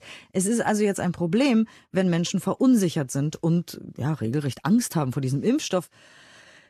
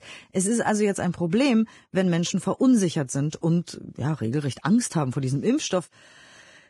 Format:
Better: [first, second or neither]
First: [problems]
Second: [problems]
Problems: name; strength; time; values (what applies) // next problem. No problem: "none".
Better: first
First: garbled, watery; slightly; nothing above 13.5 kHz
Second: garbled, watery; badly; nothing above 10 kHz